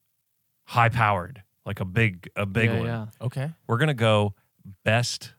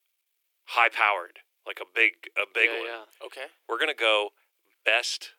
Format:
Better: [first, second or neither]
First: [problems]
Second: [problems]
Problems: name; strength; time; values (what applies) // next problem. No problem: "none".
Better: first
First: none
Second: thin; very; fading below 350 Hz